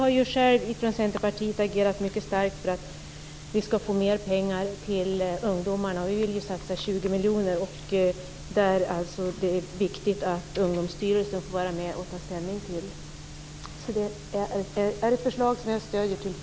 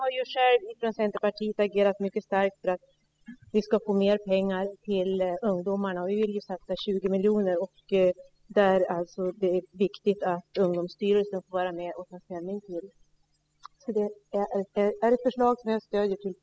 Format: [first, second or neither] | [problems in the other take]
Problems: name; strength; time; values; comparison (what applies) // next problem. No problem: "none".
first | noise reduction (classical method spectral subtraction)